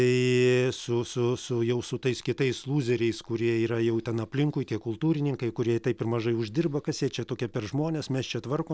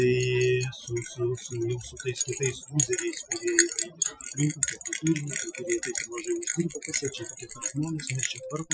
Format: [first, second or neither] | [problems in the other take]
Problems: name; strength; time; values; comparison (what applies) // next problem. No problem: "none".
first | noise reduction (classical method Wiener filter)